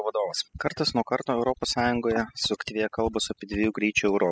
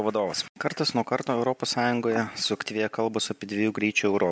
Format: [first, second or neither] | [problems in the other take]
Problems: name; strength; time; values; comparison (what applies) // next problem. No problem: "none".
second | noise reduction (classical method spectral subtraction)